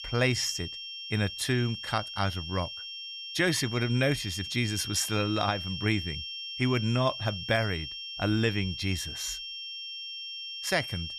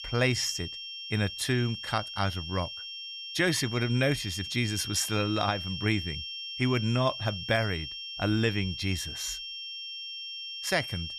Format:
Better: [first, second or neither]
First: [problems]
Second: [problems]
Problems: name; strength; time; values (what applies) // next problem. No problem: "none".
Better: neither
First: high-pitched whine; loud; throughout; 3 kHz, 7 dB below the speech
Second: high-pitched whine; loud; throughout; 3 kHz, 7 dB below the speech